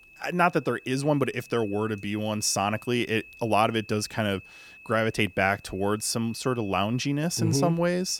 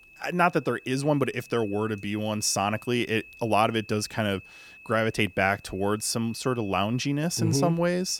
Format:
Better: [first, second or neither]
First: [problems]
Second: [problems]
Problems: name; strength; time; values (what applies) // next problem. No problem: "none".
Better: neither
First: high-pitched whine; faint; throughout; 2.5 kHz, 20 dB below the speech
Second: high-pitched whine; faint; throughout; 2.5 kHz, 20 dB below the speech